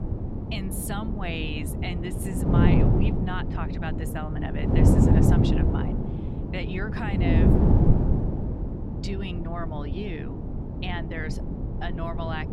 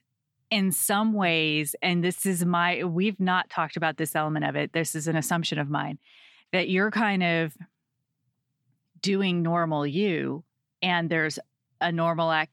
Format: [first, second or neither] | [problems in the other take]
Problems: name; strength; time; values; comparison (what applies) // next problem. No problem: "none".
second | wind noise on the microphone; heavy; 2 dB above the speech